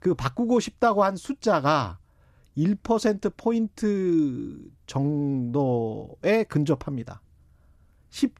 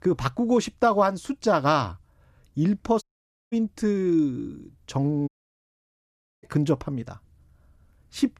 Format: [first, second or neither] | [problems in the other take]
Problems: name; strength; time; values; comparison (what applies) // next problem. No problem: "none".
first | audio cutting out; at 3 s for 0.5 s and at 5.5 s for 1 s